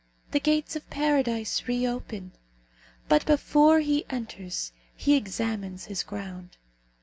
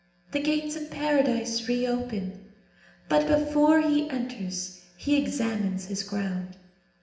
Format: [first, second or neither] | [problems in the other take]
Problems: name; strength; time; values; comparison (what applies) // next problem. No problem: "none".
first | room echo; dies away in 0.8 s